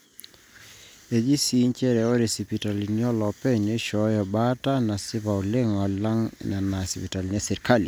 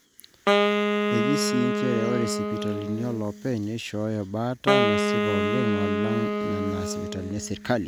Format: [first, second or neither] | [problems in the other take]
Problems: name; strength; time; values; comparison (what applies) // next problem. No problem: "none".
first | background sound (Wind instrument, woodwind instrument); 3 dB above the speech